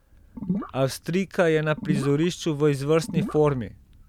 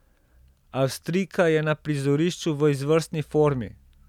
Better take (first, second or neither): second